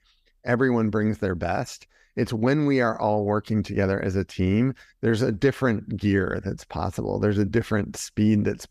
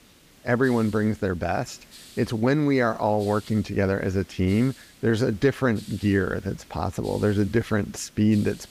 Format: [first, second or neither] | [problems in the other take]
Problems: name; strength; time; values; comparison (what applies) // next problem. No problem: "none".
first | hiss; faint; throughout; 25 dB below the speech